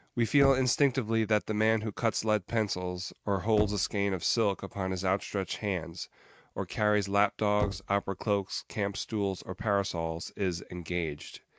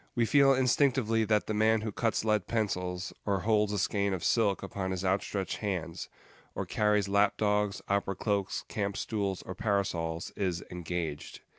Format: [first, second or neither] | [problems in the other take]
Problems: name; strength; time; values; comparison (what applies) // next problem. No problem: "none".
second | noise reduction (neural mask model RNNoise)